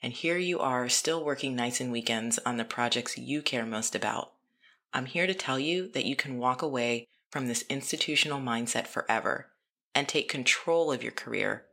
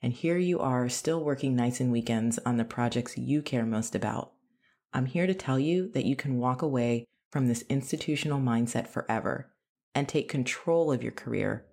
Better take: second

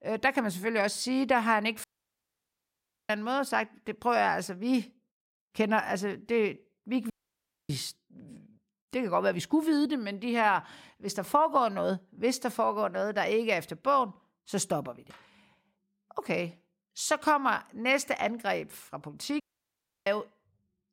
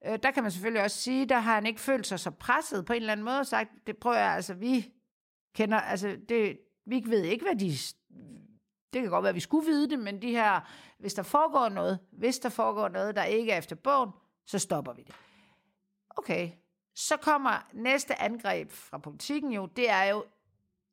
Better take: second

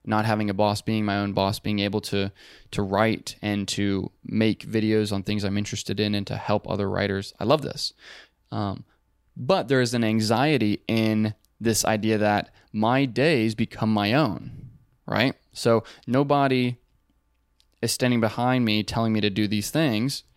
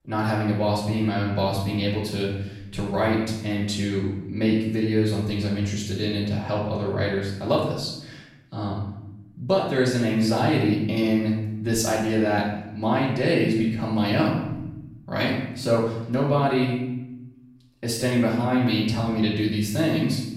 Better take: first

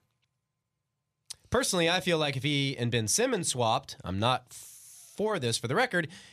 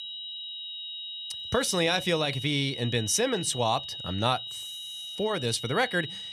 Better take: first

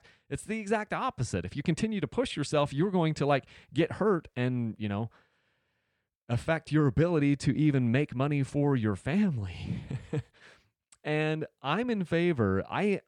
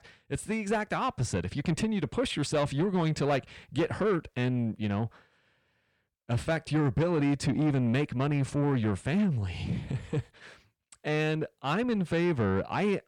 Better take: first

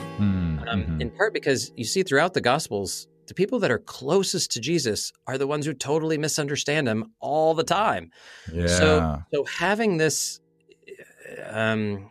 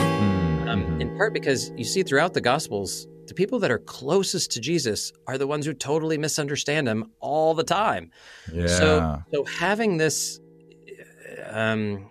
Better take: first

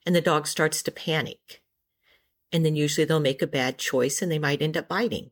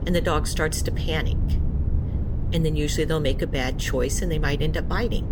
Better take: first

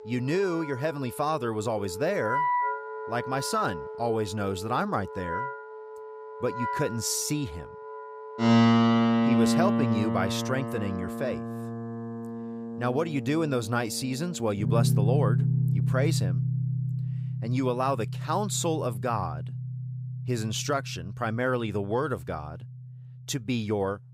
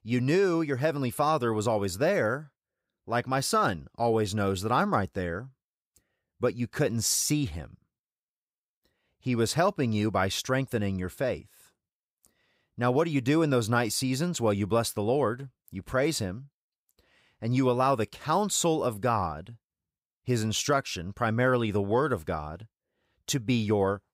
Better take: second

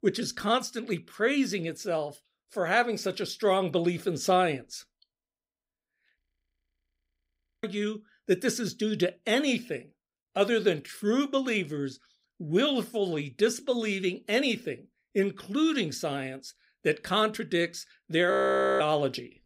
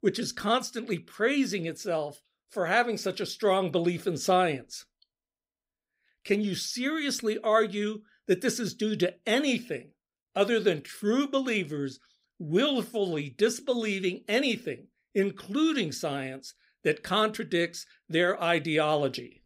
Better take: second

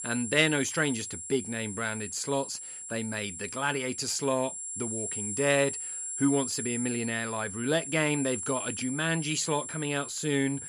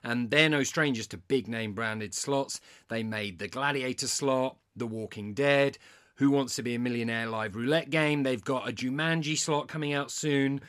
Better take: second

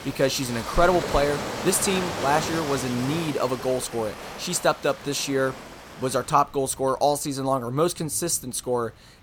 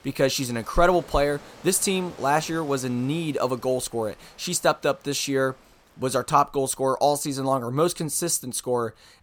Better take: second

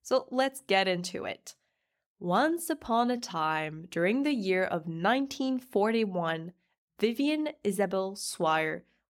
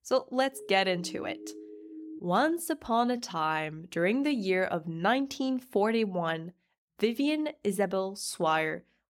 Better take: first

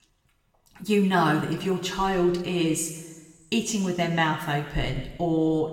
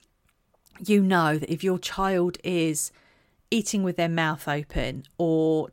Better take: second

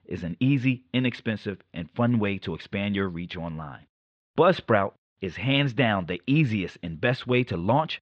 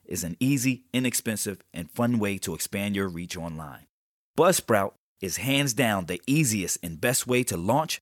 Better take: second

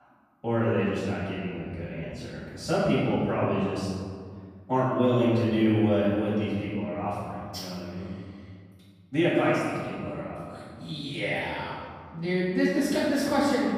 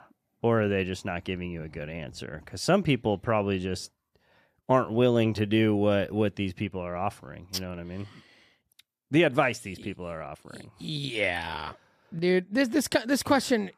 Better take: second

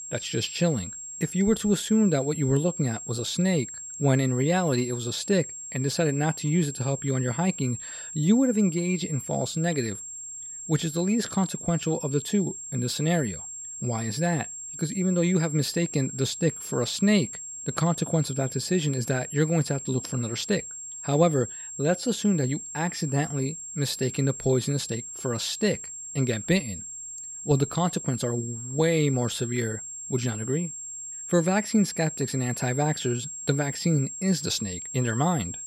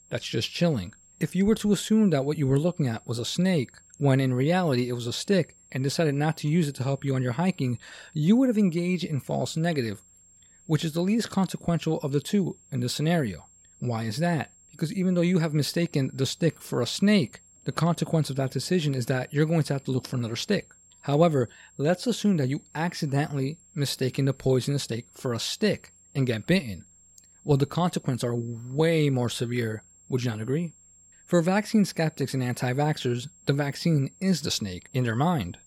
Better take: second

